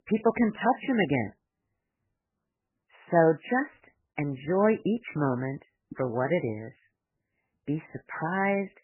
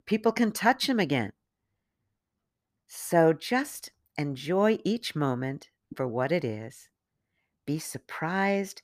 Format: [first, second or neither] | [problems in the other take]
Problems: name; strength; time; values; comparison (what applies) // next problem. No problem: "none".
second | garbled, watery; badly; nothing above 3 kHz